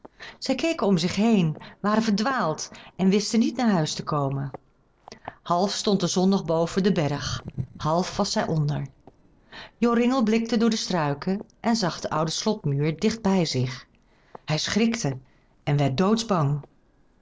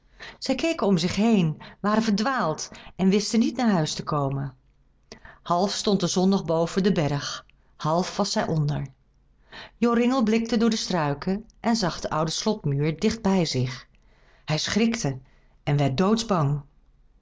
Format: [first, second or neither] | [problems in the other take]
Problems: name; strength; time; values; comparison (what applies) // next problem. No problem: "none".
second | noise reduction (neural separator model SepFormer DNS4)